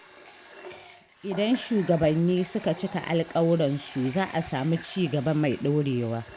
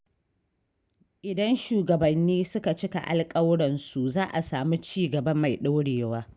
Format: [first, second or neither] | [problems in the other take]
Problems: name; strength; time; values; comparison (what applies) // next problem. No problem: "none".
second | background sound (Water tap, faucet); 19 dB below the speech